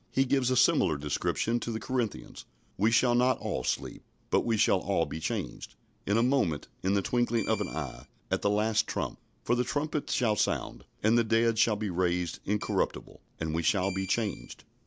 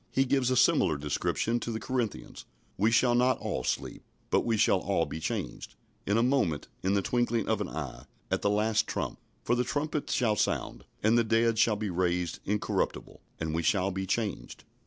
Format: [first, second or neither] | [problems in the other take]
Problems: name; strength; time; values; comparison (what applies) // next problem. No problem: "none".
second | background sound (Keyboard (musical)); 18 dB below the speech